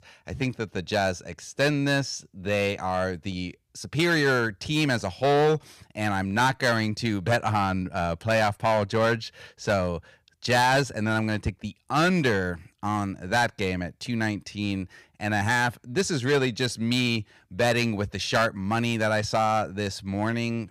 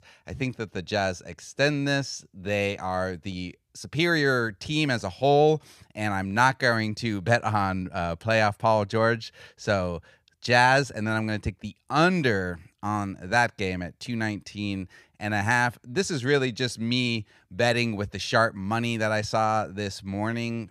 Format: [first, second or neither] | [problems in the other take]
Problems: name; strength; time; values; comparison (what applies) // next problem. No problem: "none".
second | distortion; slight; 5% of the sound clipped